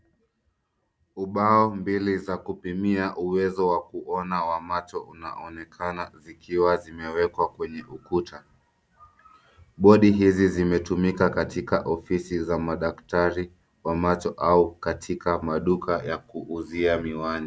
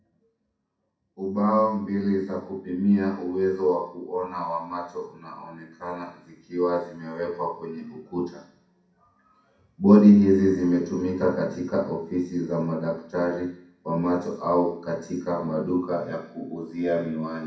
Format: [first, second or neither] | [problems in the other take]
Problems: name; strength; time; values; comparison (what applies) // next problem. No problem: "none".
first | room echo; dies away in 0.6 s